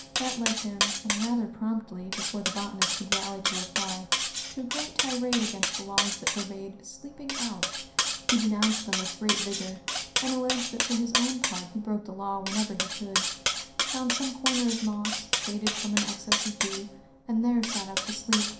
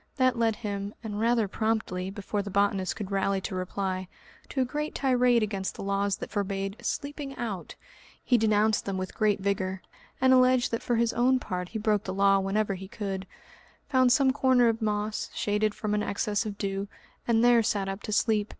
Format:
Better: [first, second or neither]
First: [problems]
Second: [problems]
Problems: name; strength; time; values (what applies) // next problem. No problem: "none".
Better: second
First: background sound (Cutlery, silverware); 1 dB above the speech // room echo; dies away in 0.5 s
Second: none